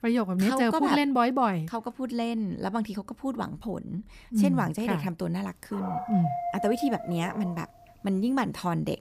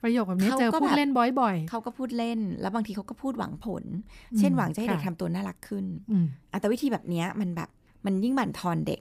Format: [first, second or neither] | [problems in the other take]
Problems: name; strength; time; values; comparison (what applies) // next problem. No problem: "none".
second | dog barking; noticeable; from 5.5 to 7.5 s; peak 4 dB below the speech